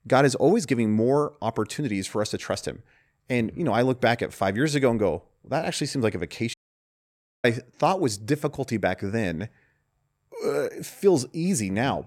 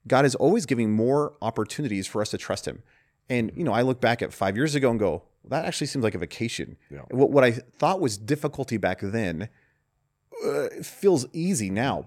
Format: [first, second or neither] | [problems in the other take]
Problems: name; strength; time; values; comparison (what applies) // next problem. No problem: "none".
second | audio cutting out; at 6.5 s for 1 s